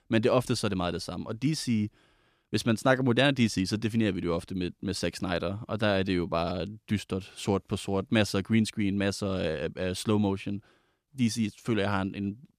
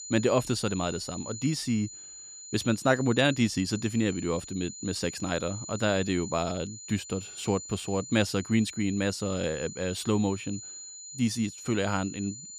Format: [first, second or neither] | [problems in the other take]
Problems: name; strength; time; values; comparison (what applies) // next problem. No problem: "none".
first | high-pitched whine; noticeable; throughout; 7 kHz, 10 dB below the speech